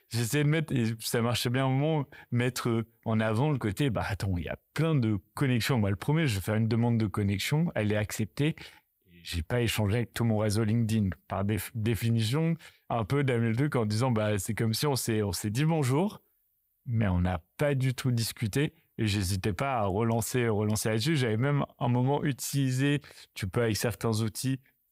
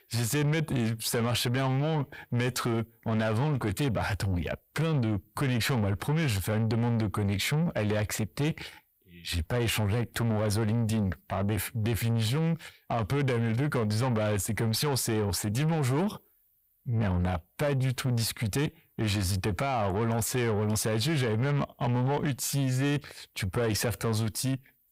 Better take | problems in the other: first | distortion; slight; 10 dB below the speech

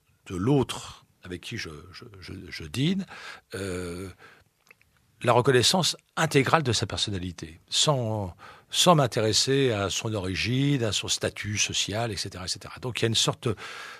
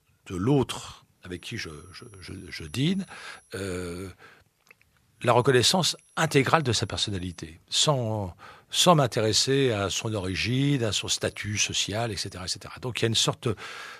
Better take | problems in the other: first | high-pitched whine; faint; from 1.5 to 3.5 s, from 5.5 to 7.5 s and from 9 to 13 s; 10.5 kHz, 30 dB below the speech

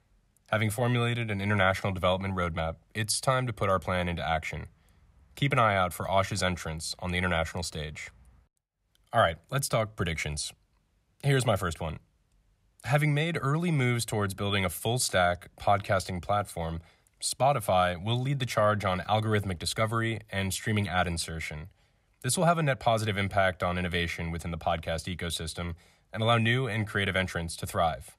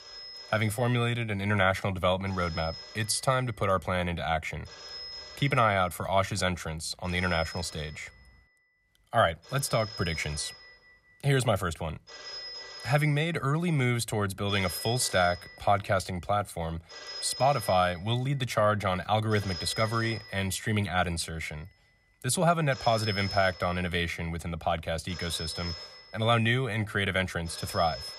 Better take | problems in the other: first | alarms or sirens; noticeable; throughout; 10 dB below the speech

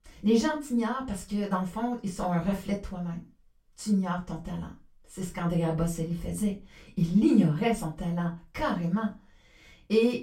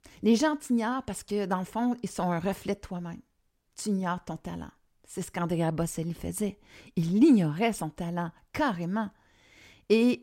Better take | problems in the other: second | off-mic speech; far // room echo; very slight; dies away in 0.2 s

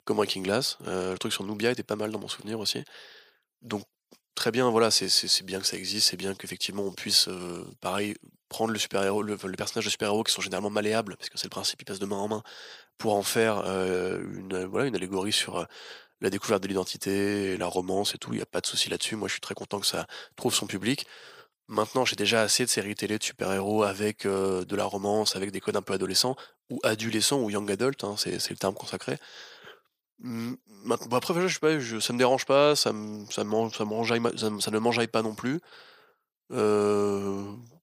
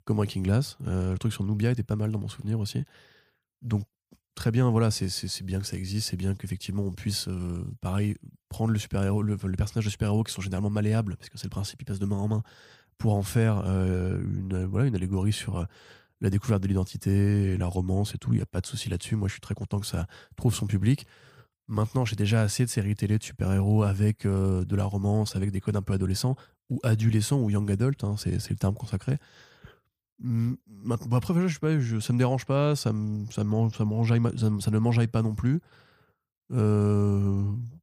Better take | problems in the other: second | thin; very; fading below 450 Hz

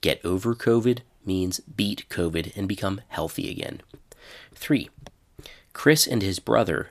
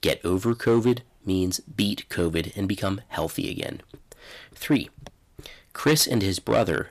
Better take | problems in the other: first | distortion; slight; 2% of the sound clipped

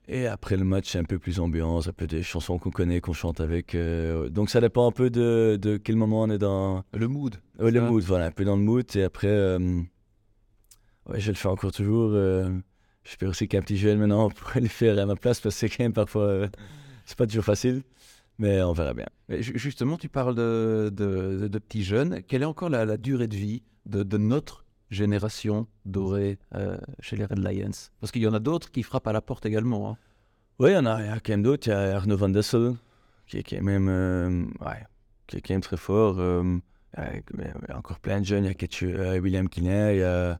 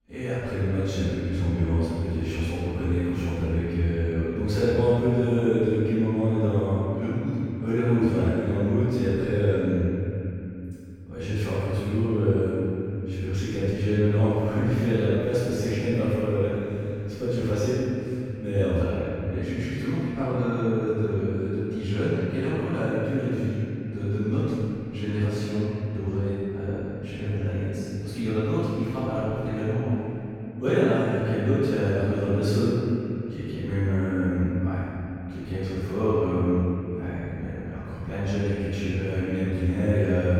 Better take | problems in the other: first | room echo; strong; dies away in 3 s // off-mic speech; far

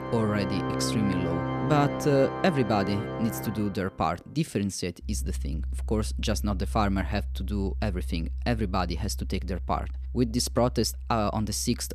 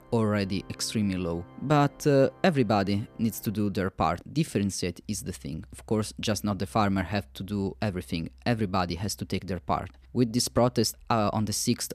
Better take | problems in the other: second | background music; loud; throughout; 5 dB below the speech; faint in the second

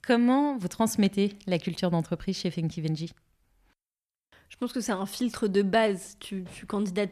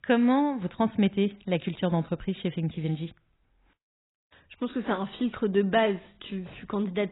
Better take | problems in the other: first | garbled, watery; badly; nothing above 4 kHz

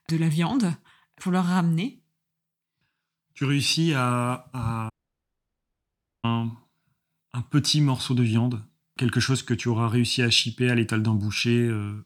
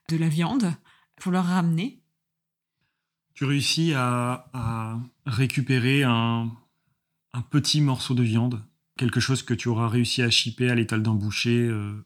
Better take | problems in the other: second | audio cutting out; at 5 s for 1.5 s

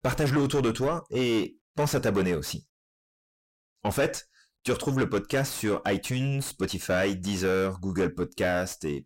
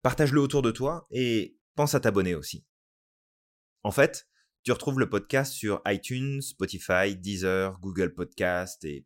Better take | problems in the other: second | distortion; heavy; 6 dB below the speech

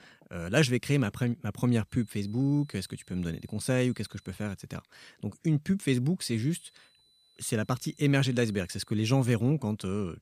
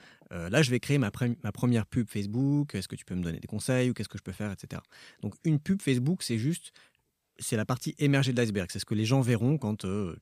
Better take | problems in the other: second | high-pitched whine; faint; from 2 to 4.5 s and from 6 to 9.5 s; 4 kHz, 35 dB below the speech

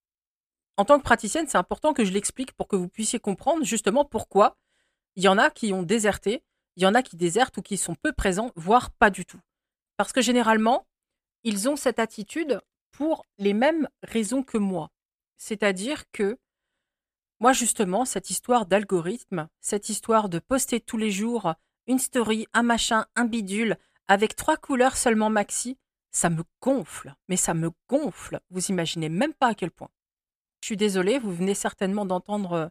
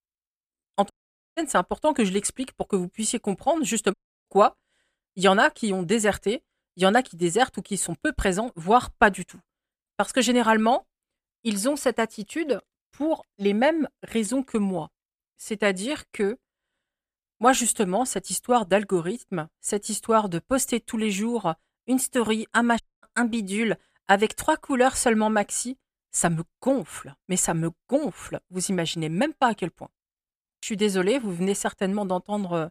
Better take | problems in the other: first | audio cutting out; at 1 s, at 4 s and at 23 s

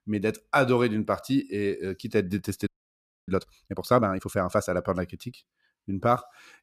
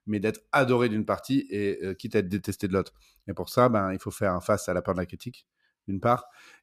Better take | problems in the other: second | audio freezing; at 2.5 s for 0.5 s

